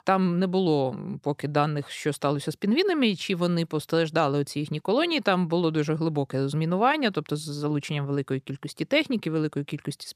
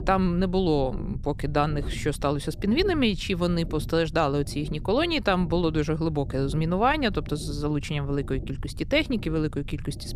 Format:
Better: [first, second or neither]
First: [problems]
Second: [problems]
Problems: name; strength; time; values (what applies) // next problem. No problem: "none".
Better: first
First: none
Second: low rumble; faint; throughout; 20 dB below the speech